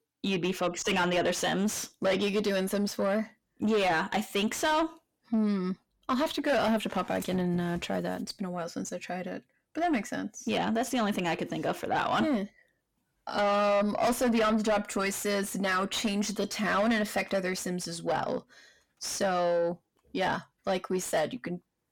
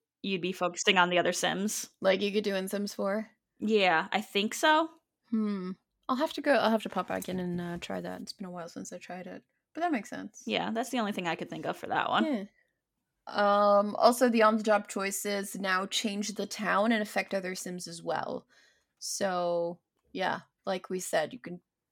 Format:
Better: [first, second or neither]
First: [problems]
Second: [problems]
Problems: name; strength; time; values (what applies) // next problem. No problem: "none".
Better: second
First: distortion; heavy; 6 dB below the speech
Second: none